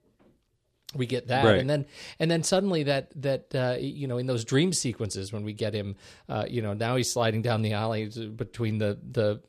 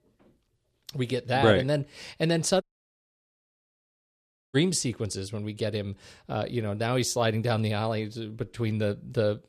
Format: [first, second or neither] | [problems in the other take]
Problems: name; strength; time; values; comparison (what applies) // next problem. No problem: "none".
first | audio cutting out; at 2.5 s for 2 s